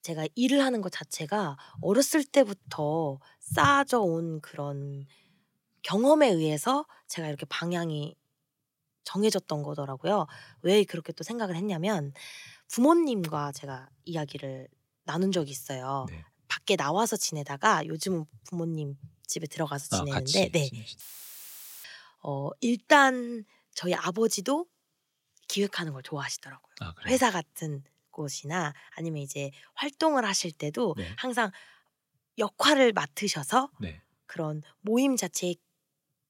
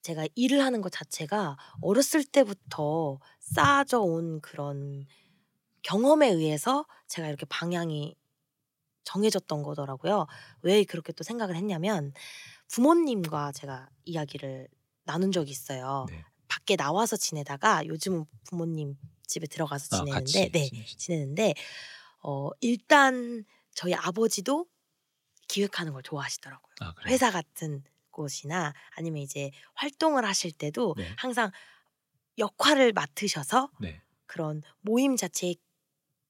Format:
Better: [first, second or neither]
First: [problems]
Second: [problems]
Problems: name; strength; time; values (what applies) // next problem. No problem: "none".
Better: second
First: audio cutting out; filled with static; at 21 s for 1 s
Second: none